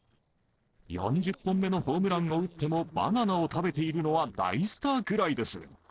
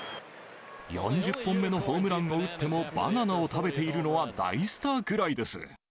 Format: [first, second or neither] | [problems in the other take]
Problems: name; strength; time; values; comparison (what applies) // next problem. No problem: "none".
second | noise reduction (neural separator model SepFormer DNS4)